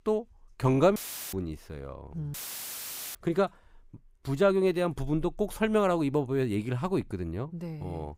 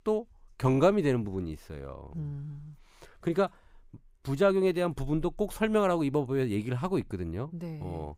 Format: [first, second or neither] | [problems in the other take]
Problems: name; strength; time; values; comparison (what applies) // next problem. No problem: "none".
second | audio cutting out; filled with static; at 1 s and at 2.5 s for 1 s